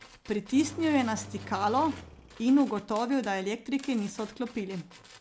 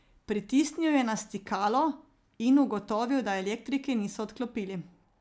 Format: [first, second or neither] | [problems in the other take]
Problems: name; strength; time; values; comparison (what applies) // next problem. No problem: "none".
second | background sound (Tools + Engine); 18 dB below the speech